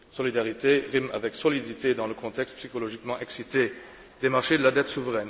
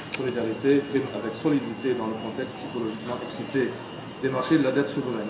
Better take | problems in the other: first | background sound (Alarm); 11 dB below the speech // room echo; dies away in 0.7 s

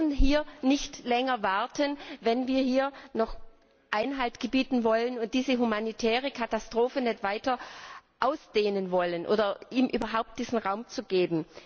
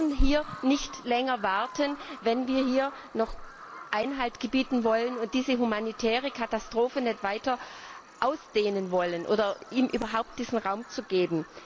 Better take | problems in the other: first | background sound (Bird vocalization, bird call, bird song); 18 dB below the speech

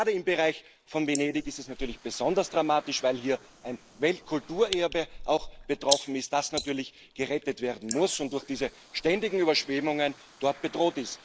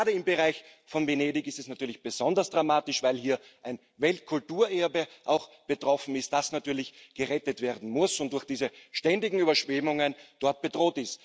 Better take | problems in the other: second | noise reduction (neural mask model Resemble Enhance denoiser)

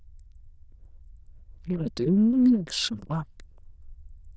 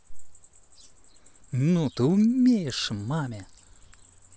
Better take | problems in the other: second | noise reduction (neural diffusion model UNIVERSE++)

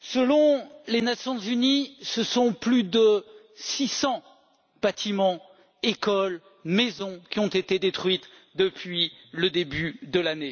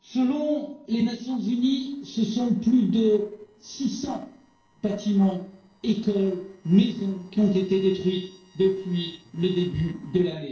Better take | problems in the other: first | noise reduction (neural separator model SepFormer DNS4)

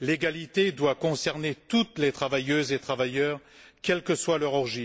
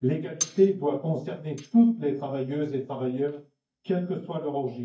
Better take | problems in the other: first | noise reduction (neural mask model DeepFilterNet 3)

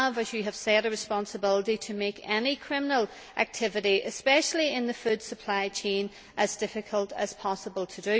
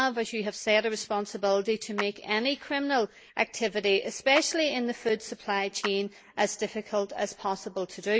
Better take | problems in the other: first | noise reduction (neural mask model Resemble Enhance denoiser)

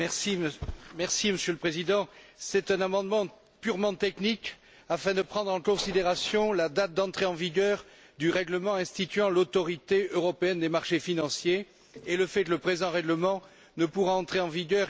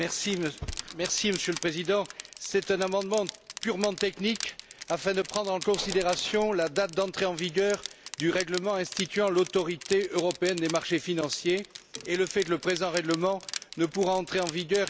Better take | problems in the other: first | background sound (Crushing); 13 dB below the speech

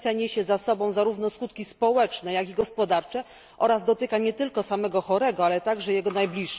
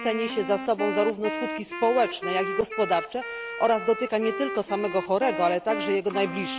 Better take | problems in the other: first | background sound (Wind instrument, woodwind instrument); 7 dB below the speech

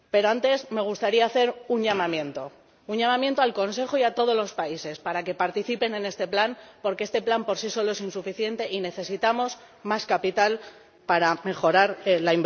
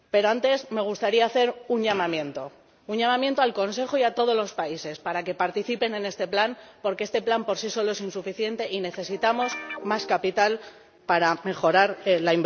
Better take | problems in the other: first | background sound (Guitar); 12 dB below the speech

